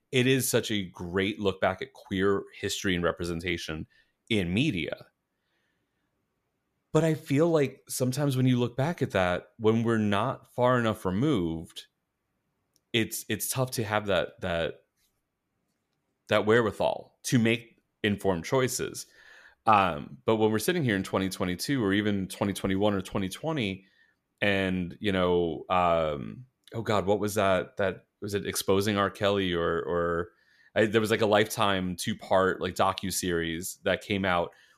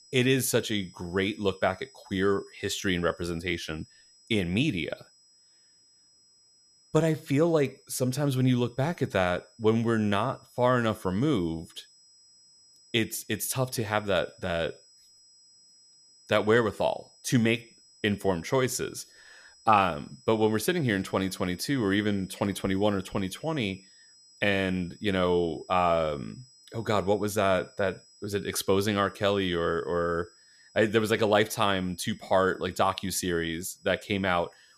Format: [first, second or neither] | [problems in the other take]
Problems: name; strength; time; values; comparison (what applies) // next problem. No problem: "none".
first | high-pitched whine; faint; throughout; 5 kHz, 25 dB below the speech